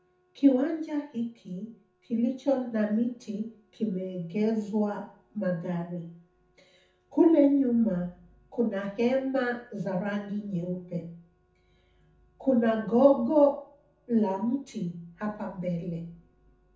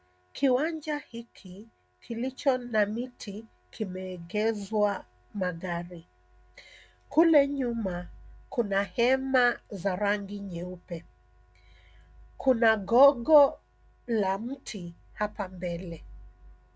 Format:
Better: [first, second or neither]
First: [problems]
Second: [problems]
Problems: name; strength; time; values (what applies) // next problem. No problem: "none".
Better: second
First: room echo; dies away in 0.7 s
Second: none